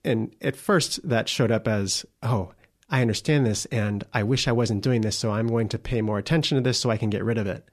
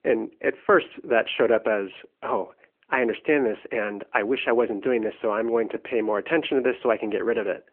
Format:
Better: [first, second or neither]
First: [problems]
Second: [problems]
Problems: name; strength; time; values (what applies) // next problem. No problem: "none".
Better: first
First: none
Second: phone-call audio; nothing above 3 kHz